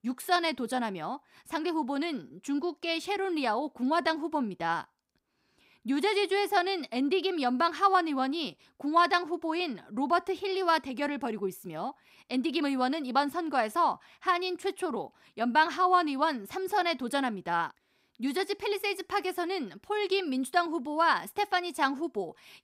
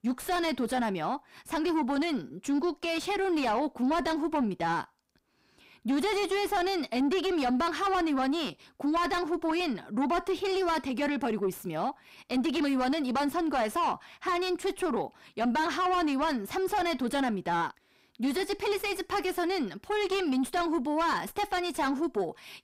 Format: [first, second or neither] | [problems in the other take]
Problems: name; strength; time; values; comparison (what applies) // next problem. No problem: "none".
first | distortion; heavy; 6 dB below the speech